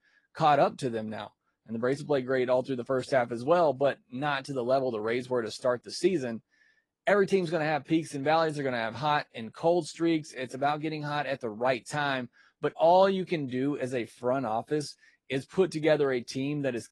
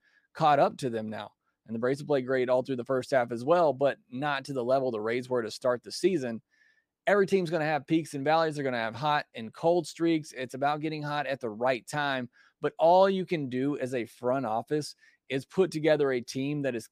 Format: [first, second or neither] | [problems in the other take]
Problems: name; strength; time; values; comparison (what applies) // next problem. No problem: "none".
second | garbled, watery; slightly